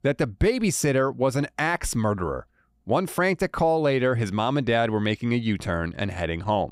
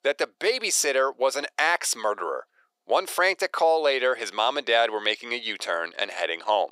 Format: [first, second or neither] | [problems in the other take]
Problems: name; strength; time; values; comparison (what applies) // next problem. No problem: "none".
first | thin; very; fading below 450 Hz